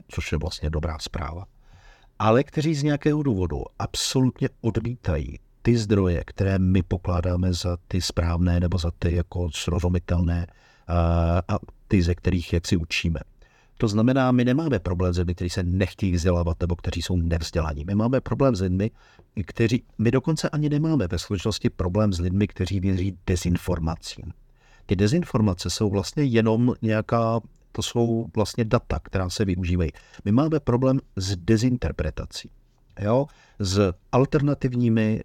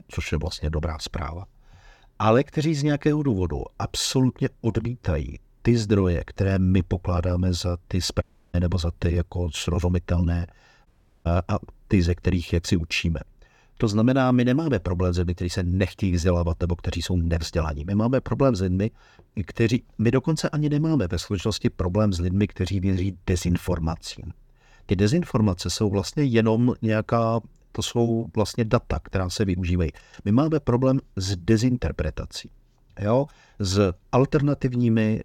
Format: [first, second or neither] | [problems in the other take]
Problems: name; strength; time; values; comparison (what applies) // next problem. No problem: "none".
first | audio cutting out; at 8 s and at 11 s